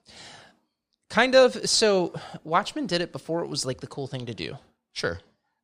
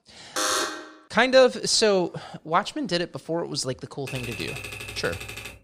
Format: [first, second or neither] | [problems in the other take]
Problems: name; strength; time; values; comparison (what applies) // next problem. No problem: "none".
first | alarm; loud; at 0.5 s; peak level with the speech // keyboard typing; noticeable; from 4 s on; peak 10 dB below the speech